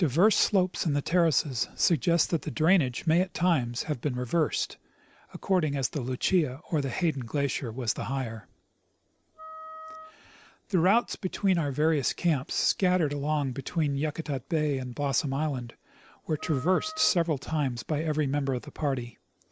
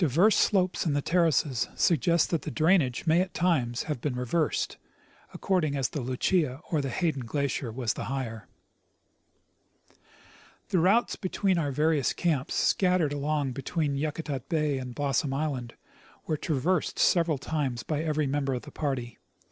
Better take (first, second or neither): second